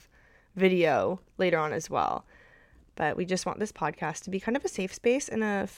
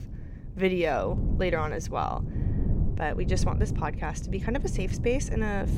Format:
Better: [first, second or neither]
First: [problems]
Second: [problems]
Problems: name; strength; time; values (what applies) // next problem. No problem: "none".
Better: first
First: none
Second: wind noise on the microphone; occasional gusts; 10 dB below the speech